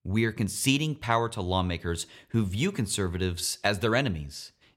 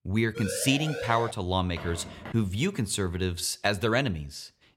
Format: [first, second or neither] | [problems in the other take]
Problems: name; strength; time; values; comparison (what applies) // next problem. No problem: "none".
first | siren; noticeable; at 0.5 s; peak 7 dB below the speech // footsteps; faint; at 2 s; peak 15 dB below the speech